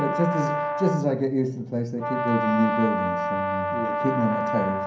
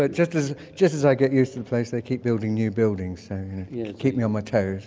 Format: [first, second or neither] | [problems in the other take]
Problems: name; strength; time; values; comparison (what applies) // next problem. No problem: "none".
second | background sound (Brass instrument); 1 dB below the speech // room echo; dies away in 0.6 s